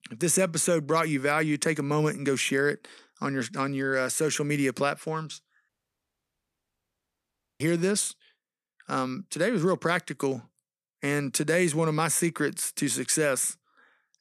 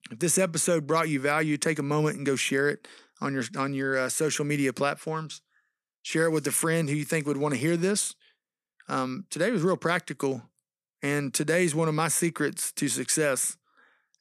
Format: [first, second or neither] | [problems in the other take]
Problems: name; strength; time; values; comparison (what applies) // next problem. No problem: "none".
second | audio cutting out; at 5.5 s for 2 s